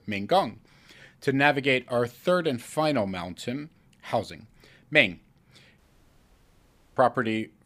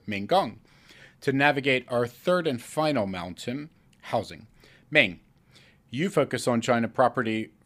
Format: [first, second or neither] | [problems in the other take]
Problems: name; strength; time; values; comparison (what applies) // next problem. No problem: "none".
second | audio cutting out; at 6 s for 1 s